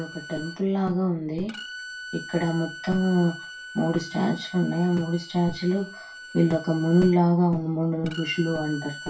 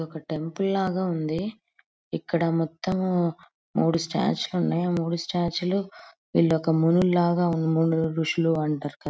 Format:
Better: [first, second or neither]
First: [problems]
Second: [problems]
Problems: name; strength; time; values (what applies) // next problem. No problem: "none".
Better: second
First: background sound (Bowed string instrument); 16 dB below the speech // room echo; dies away in 0.2 s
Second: none